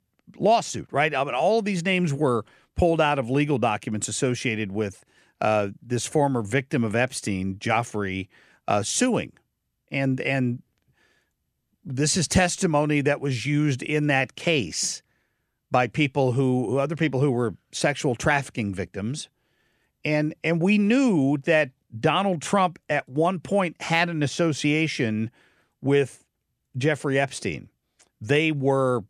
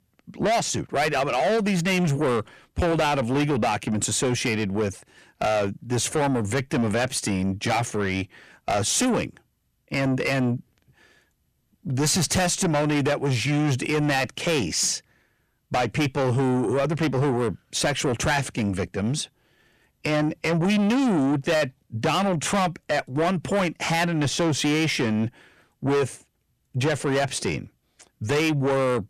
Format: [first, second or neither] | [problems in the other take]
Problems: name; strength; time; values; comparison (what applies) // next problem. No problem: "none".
first | distortion; heavy; 6 dB below the speech